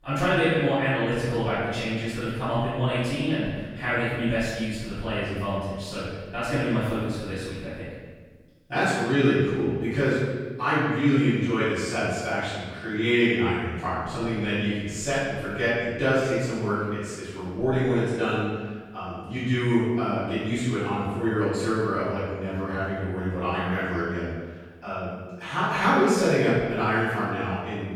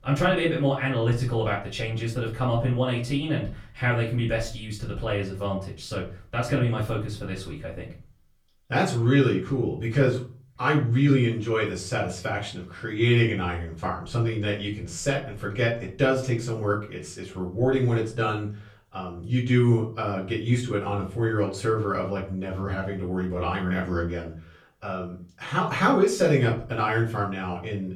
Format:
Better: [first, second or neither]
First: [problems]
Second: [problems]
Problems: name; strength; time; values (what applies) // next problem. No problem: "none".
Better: second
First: room echo; strong; dies away in 1.3 s // off-mic speech; far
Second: room echo; slight; dies away in 0.4 s // off-mic speech; far